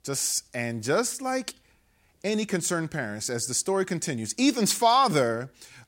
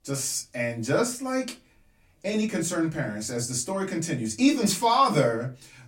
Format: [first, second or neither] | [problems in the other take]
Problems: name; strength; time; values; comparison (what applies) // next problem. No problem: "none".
first | off-mic speech; far // room echo; very slight; dies away in 0.2 s